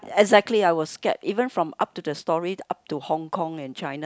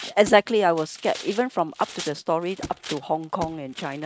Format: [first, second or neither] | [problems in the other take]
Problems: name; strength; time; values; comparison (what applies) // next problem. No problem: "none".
first | noise reduction (neural mask model RNNoise)